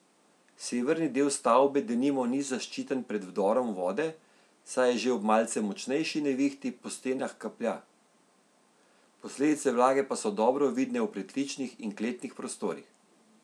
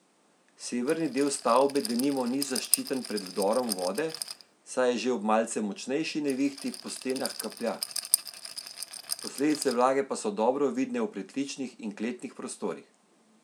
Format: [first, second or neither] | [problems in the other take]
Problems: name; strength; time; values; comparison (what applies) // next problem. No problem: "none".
first | background sound (Rattle); 7 dB below the speech